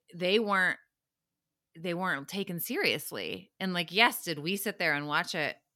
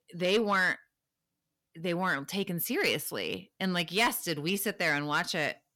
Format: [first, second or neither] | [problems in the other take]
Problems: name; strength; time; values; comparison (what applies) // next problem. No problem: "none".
first | distortion; slight; 10 dB below the speech